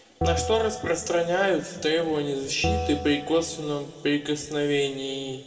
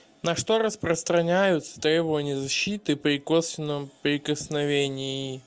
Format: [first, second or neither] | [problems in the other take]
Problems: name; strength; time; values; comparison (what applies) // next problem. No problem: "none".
second | background sound (Bell); 7 dB below the speech // room echo; dies away in 1.7 s